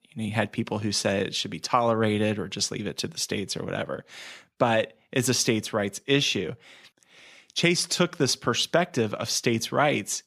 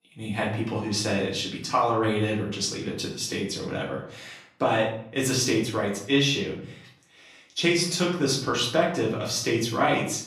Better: first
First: none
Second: room echo; slight; dies away in 0.5 s // off-mic speech; far

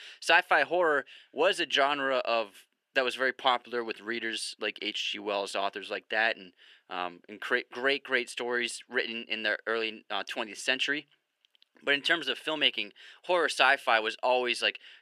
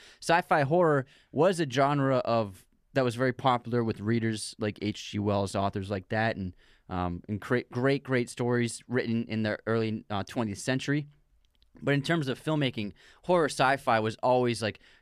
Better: second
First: thin; somewhat; fading below 350 Hz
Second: none

